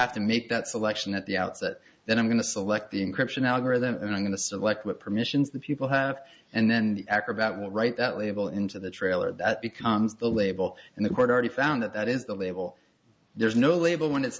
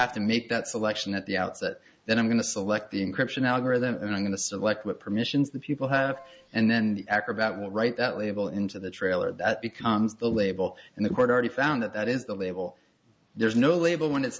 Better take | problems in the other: first | background sound (Keyboard (musical)); 13 dB below the speech

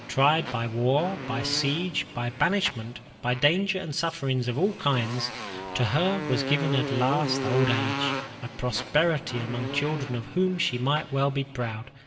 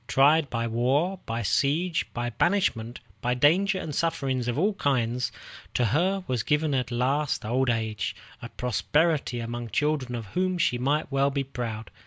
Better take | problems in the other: second | background sound (Motorcycle); 8 dB below the speech // room echo; dies away in 2.5 s

